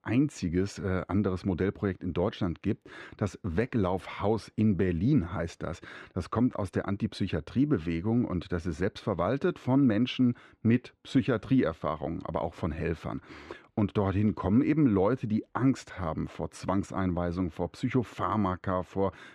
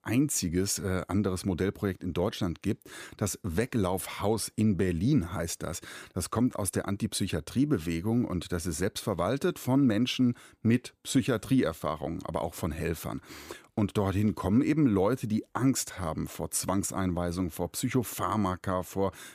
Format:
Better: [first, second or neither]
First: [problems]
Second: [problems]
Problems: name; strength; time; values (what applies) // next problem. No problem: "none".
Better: second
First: muffled; slightly; fading above 3 kHz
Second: none